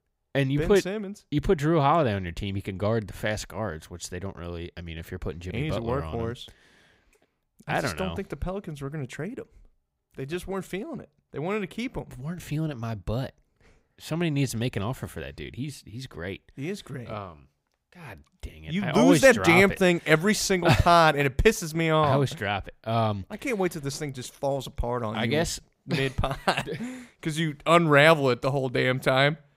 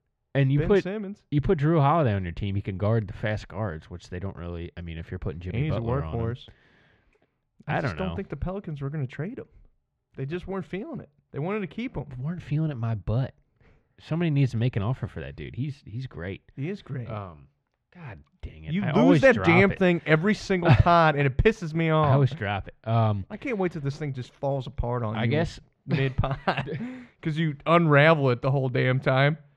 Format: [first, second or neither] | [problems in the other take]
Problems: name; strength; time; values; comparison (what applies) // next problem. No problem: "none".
first | muffled; slightly; fading above 3 kHz